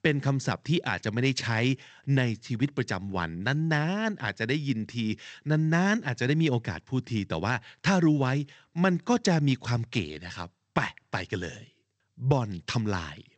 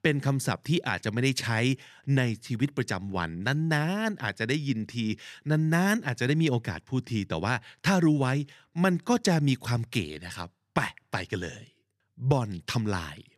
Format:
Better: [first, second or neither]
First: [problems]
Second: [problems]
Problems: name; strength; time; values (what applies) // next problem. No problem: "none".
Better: second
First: garbled, watery; slightly; nothing above 7.5 kHz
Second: none